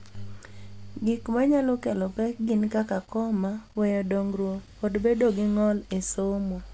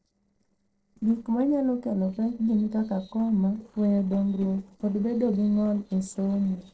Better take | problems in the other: first | noise reduction (neural separator model SepFormer DNS4)

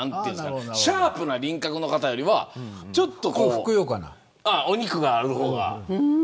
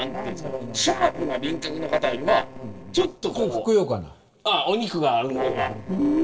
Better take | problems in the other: first | noise reduction (neural separator model SepFormer DNS4)

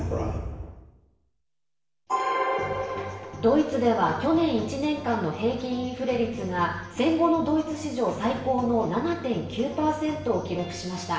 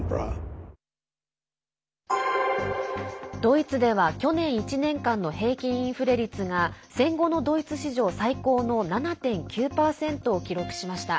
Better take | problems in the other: second | room echo; dies away in 1 s

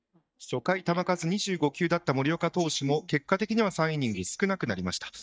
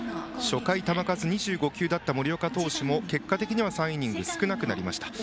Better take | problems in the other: second | noise reduction (neural mask model DeepFilterNet 3)

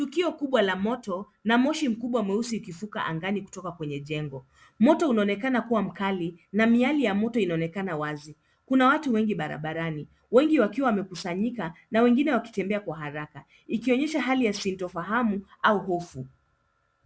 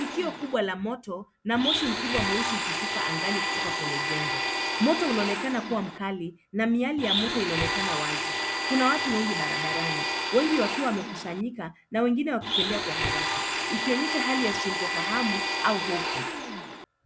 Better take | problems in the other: first | background sound (Domestic sounds, home sounds); as loud as the speech

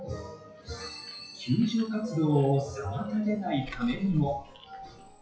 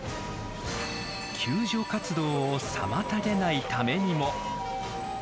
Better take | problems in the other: second | noise reduction (classical method WPE with log-MMSE)

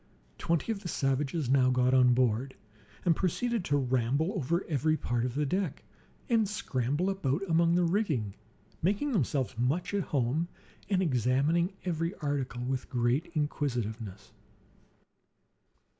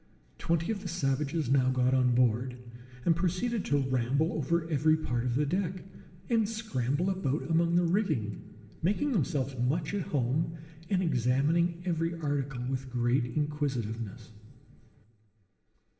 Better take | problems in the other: first | room echo; dies away in 2.9 s

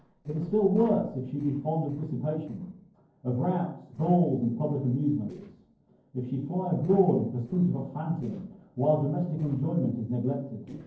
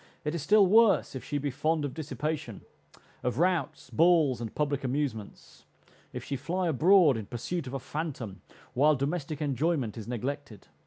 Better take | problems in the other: second | noise reduction (neural separator model SepFormer DNS4)

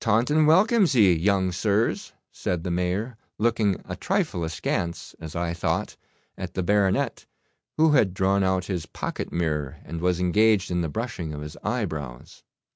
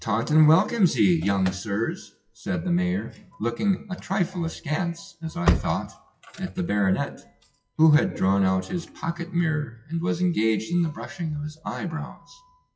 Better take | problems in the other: first | noise reduction (classical method WPE with log-MMSE)

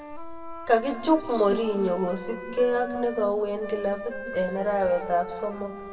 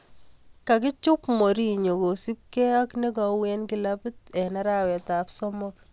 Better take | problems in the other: second | background sound (Wind instrument, woodwind instrument); 12 dB below the speech // room echo; dies away in 1.5 s

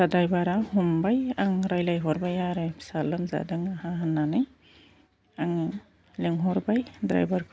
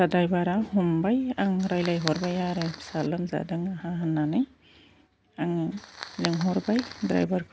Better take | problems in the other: first | background sound (Fire); 13 dB below the speech

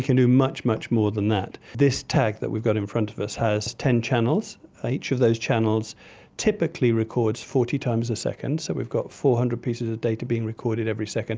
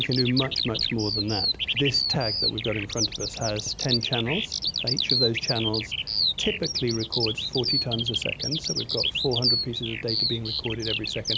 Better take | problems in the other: first | background sound (Bird vocalization, bird call, bird song); 2 dB above the speech

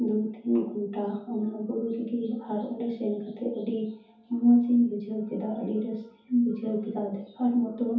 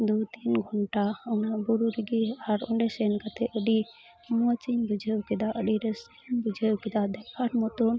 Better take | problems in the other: second | room echo; dies away in 0.6 s

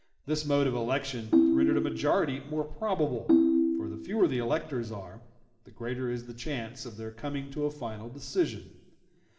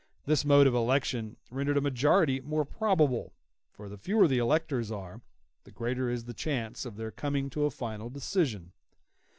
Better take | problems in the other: second | background sound (Ringtone); 4 dB above the speech // room echo; dies away in 1.1 s

